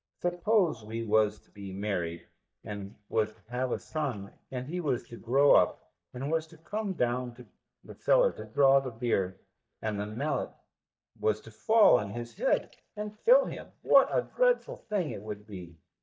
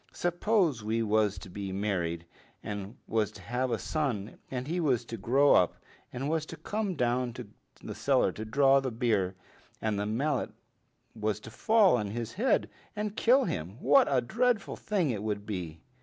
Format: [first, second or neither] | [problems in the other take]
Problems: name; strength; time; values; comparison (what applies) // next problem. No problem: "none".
second | noise reduction (neural mask model DeepFilterNet 3)